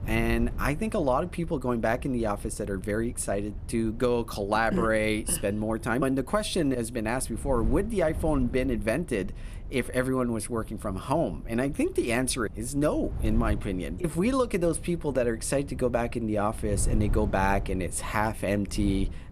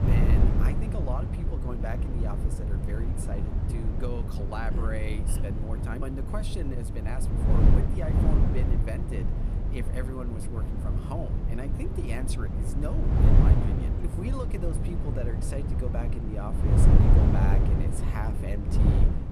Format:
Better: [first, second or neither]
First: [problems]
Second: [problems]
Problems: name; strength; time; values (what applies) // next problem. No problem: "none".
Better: first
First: wind noise on the microphone; occasional gusts; 20 dB below the speech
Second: wind noise on the microphone; heavy; 1 dB above the speech